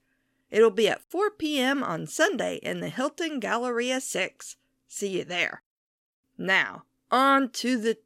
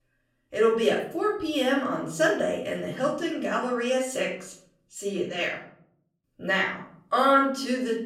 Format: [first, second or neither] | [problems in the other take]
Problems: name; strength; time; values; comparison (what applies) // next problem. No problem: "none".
first | off-mic speech; far // room echo; slight; dies away in 0.6 s